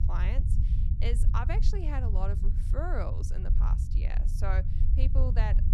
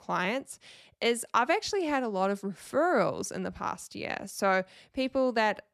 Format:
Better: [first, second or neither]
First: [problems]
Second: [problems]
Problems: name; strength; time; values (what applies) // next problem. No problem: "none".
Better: second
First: low rumble; loud; throughout; 7 dB below the speech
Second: none